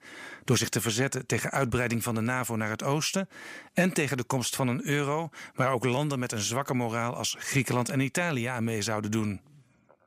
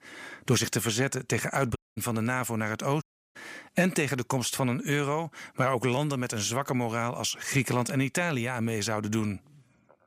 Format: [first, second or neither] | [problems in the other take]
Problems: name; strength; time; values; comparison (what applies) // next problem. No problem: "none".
first | audio cutting out; at 2 s and at 3 s